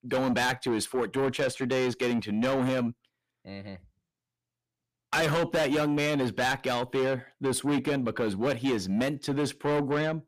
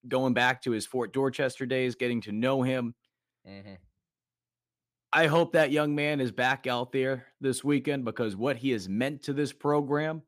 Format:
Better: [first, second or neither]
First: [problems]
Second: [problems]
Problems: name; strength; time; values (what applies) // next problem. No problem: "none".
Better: second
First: distortion; heavy; 7 dB below the speech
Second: none